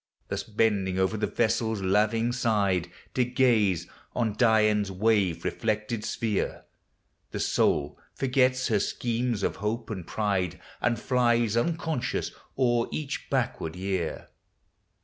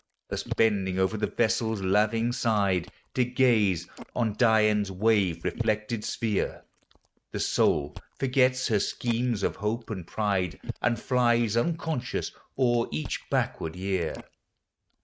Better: first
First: none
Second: noise reduction (neural mask model RNNoise)

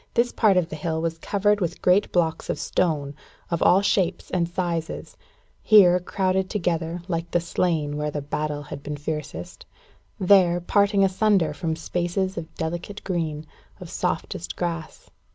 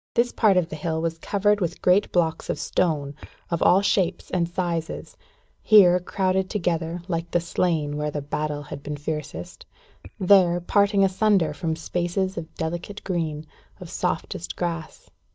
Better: first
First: none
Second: noise reduction (neural mask model DeepFilterNet 3)

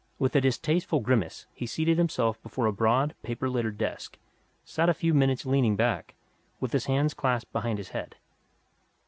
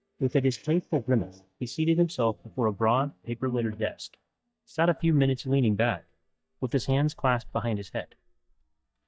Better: first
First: none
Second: noise reduction (neural mask model DeepFilterNet 3)

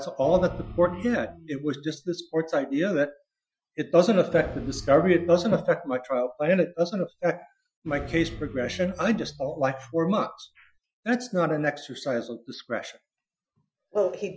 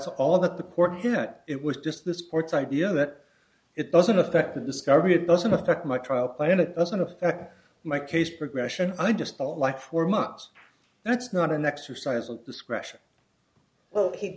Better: second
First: noise reduction (classical method Wiener filter)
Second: none

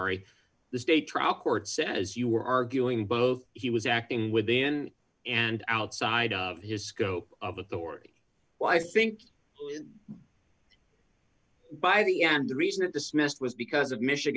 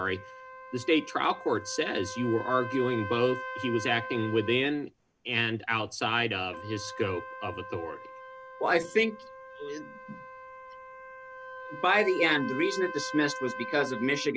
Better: first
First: none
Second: background sound (Trumpet); 11 dB below the speech

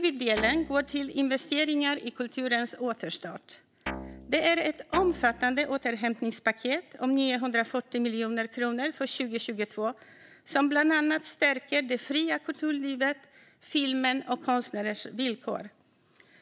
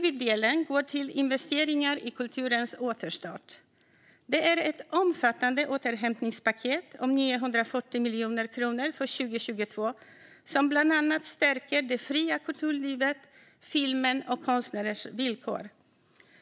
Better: second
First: background sound (Guitar); 11 dB below the speech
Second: none

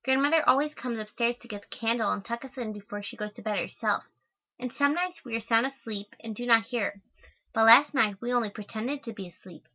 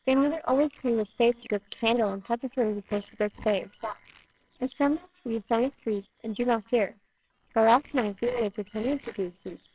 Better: first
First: none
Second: noise reduction (neural separator model SepFormer WHAMR!)

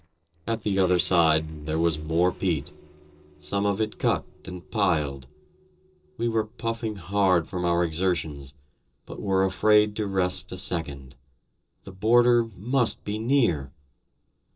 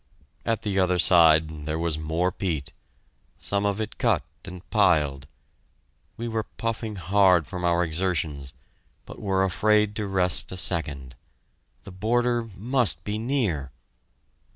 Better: second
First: noise reduction (neural separator model SepFormer DNS4)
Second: none

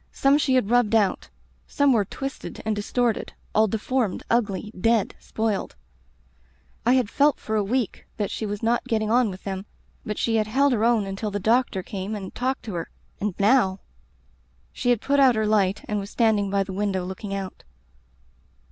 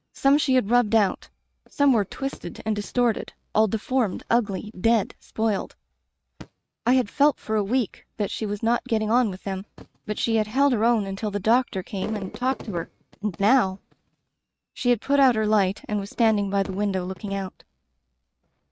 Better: first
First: none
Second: noise reduction (neural mask model RNNoise)

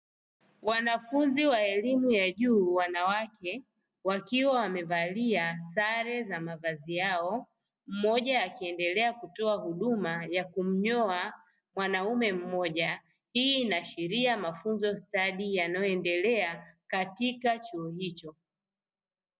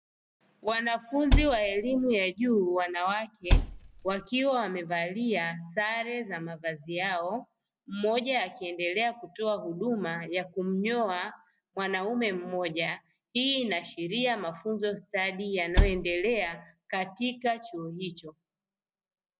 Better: first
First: none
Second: background sound (Cupboard open or close); 4 dB above the speech

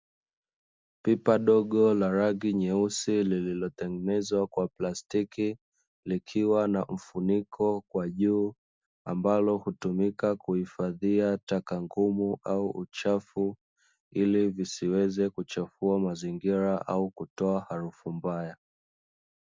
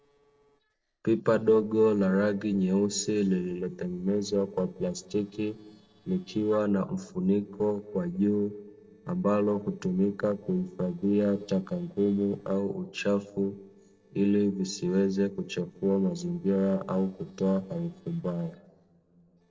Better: first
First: none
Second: noise reduction (neural separator model SepFormer DNS4)

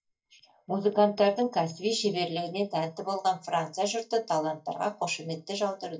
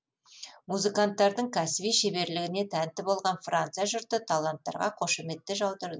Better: second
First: noise reduction (neural mask model DeepFilterNet 3)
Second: none

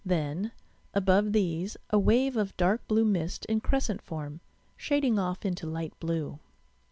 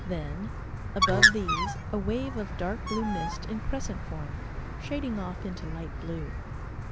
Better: first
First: none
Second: background sound (Bird); 3 dB above the speech

